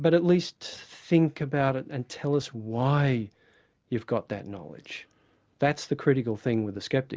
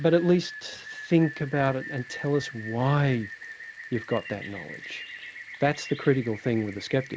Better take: first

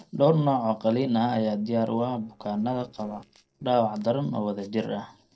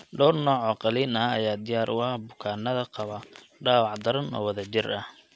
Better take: second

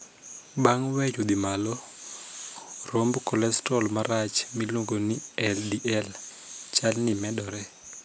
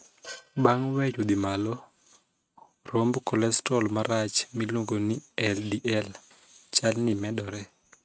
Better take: first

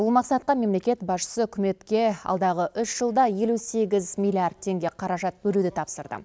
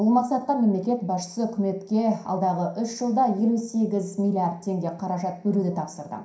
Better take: first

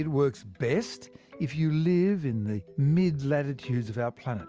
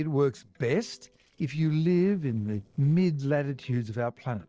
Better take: first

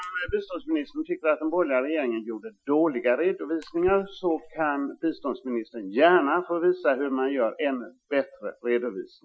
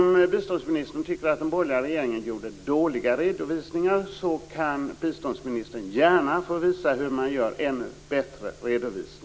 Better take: second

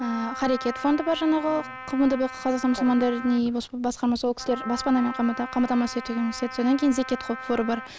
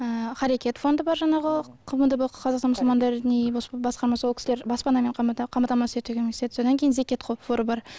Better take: second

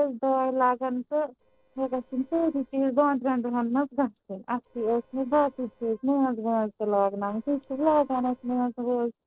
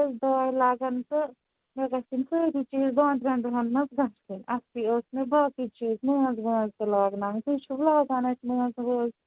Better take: second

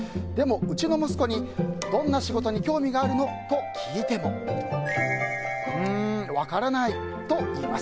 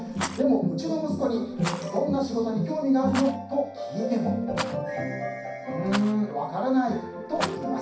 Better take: first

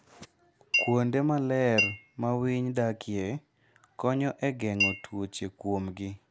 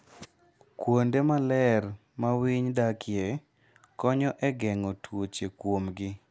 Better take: second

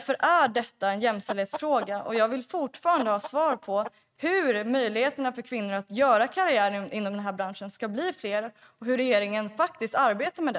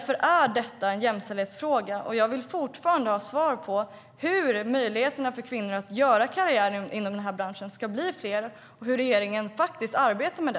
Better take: second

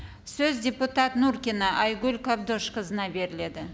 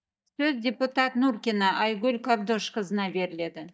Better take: first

